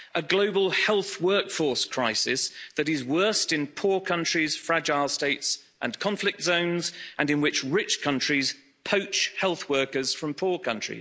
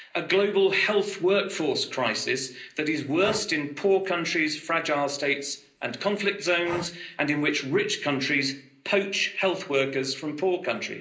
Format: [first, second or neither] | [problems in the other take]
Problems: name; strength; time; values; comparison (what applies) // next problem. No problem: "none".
first | background sound (Breathing); 19 dB below the speech // room echo; dies away in 0.5 s